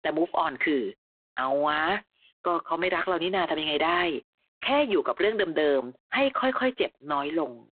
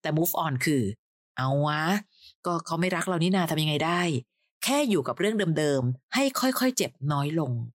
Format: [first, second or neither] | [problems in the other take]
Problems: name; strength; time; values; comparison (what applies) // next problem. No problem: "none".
second | phone-call audio; poor line